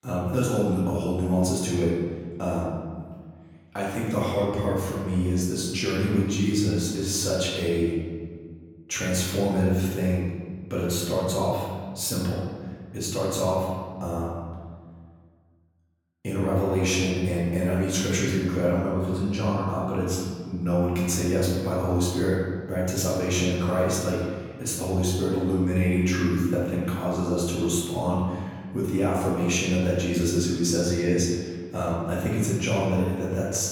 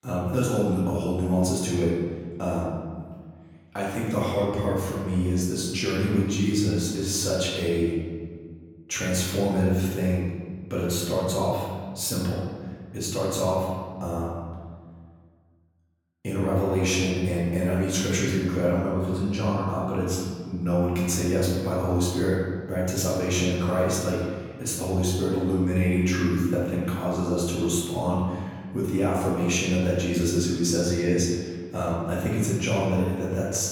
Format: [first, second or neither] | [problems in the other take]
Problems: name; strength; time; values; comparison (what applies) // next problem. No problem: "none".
neither | room echo; noticeable; dies away in 1.5 s; the same in both // off-mic speech; far; the same in both